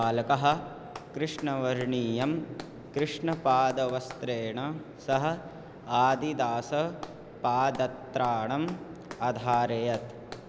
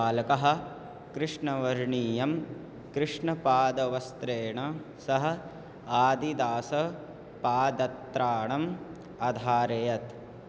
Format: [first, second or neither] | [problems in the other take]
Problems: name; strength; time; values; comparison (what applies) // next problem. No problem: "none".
second | background sound (Clapping); 19 dB below the speech